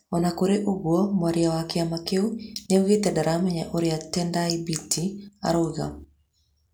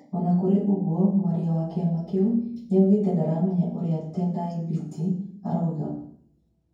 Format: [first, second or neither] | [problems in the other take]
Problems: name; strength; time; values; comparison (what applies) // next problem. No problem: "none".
first | room echo; dies away in 0.9 s